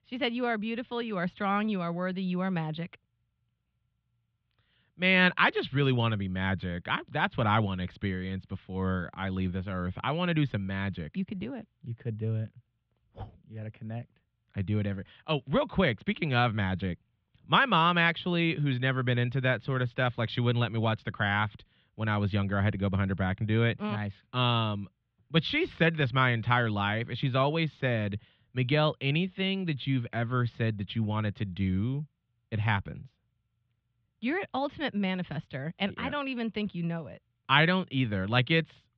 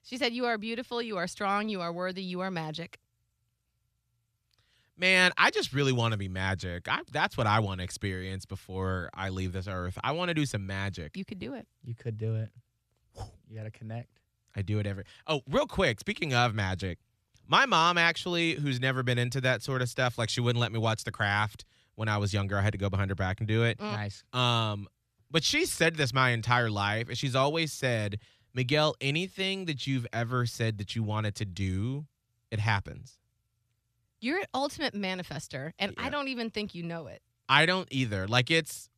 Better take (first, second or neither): second